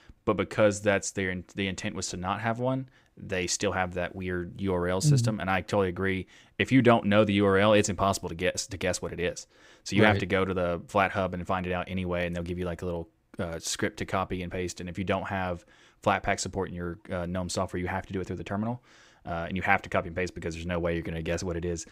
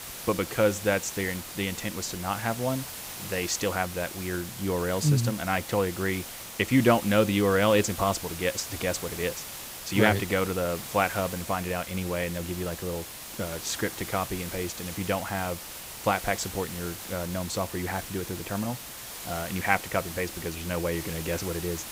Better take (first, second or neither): first